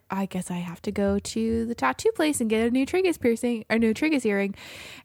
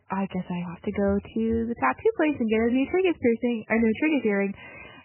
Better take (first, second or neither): first